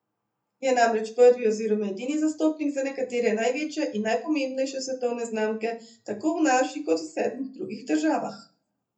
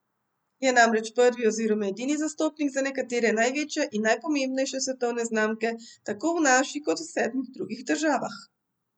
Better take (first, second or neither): second